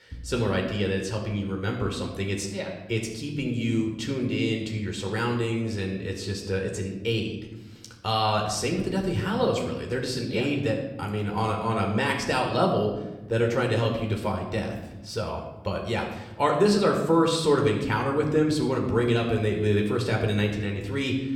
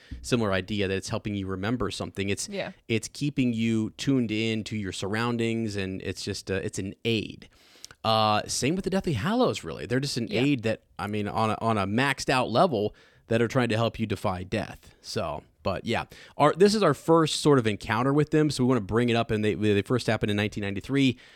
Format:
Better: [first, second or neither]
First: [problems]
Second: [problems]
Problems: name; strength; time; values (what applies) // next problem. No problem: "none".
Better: second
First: room echo; slight; dies away in 0.9 s // off-mic speech; somewhat distant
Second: none